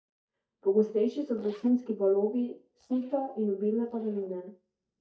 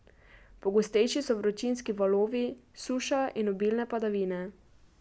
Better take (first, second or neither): second